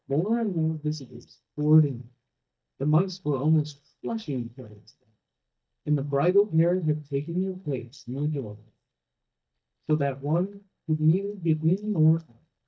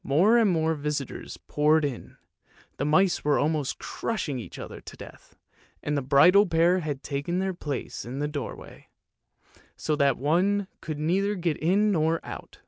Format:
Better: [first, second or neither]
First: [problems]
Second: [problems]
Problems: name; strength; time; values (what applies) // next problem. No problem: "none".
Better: second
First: noise reduction (neural mask model DeepFilterNet 3)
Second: none